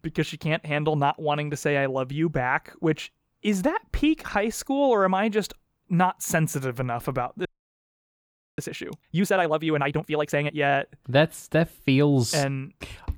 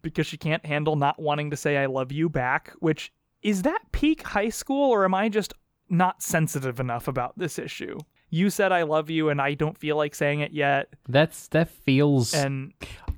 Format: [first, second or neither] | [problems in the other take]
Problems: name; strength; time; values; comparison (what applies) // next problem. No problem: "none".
second | audio freezing; at 7.5 s for 1 s